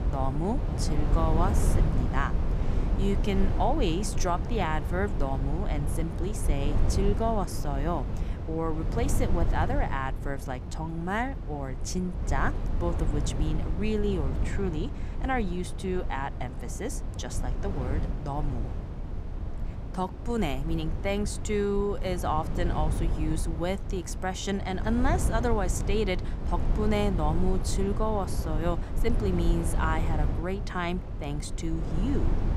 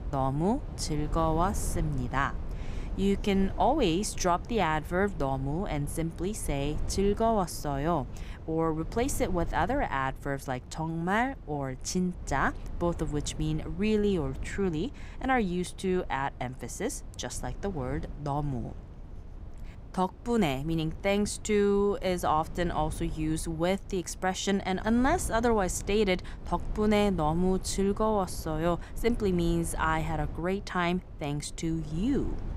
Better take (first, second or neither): second